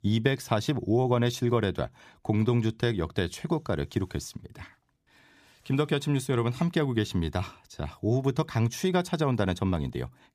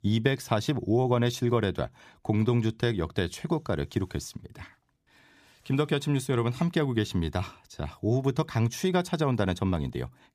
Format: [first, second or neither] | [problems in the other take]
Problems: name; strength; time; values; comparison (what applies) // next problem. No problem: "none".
neither | none